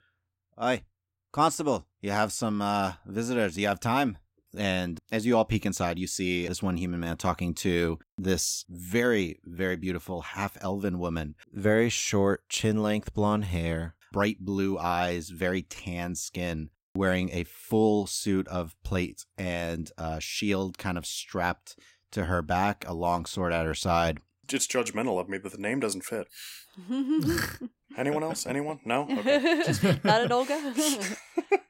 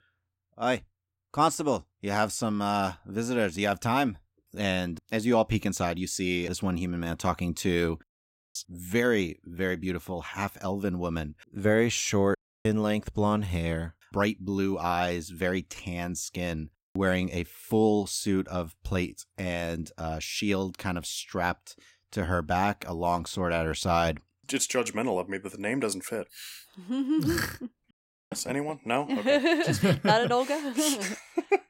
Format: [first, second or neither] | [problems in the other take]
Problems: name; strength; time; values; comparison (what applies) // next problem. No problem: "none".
first | audio cutting out; at 8 s, at 12 s and at 28 s